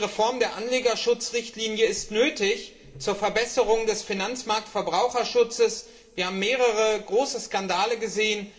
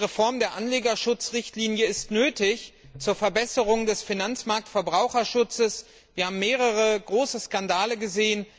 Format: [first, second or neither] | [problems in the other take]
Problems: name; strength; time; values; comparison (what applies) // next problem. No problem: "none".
second | room echo; dies away in 1.7 s